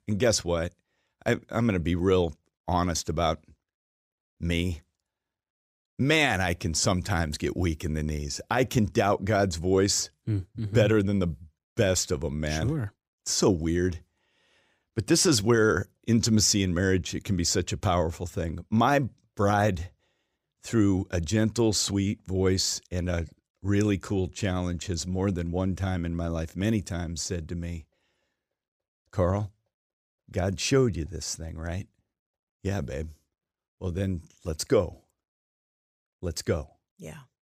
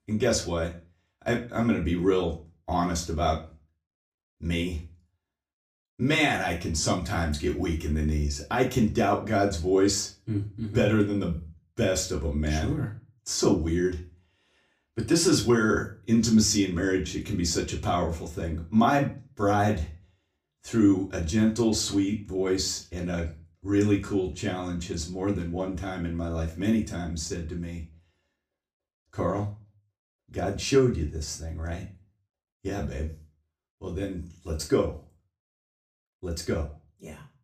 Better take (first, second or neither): first